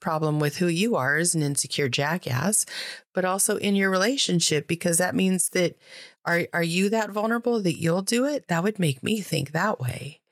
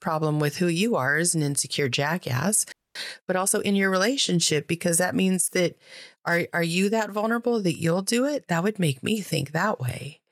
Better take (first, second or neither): first